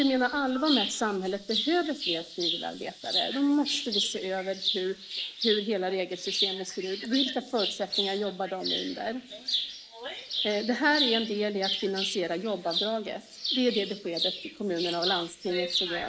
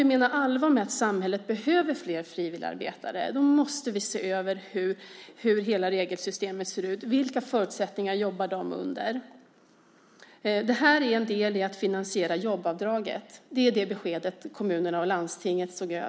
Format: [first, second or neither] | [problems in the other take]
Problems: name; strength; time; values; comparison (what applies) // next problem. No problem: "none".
second | noise reduction (neural mask model Resemble Enhance denoiser)